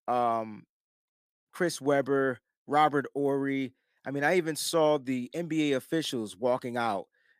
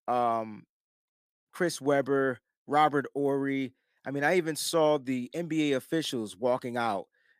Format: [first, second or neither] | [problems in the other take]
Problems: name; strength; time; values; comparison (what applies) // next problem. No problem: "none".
neither | none